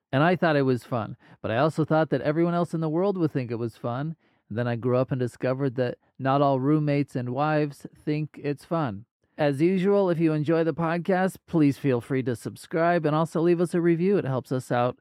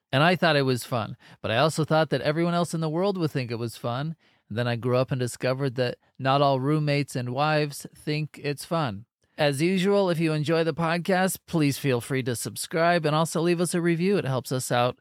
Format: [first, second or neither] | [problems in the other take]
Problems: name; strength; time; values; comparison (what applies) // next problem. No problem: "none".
second | muffled; slightly; fading above 2.5 kHz